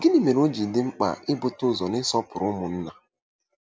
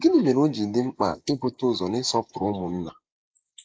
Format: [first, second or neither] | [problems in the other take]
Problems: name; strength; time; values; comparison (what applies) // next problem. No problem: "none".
first | noise reduction (neural mask model Resemble Enhance denoiser)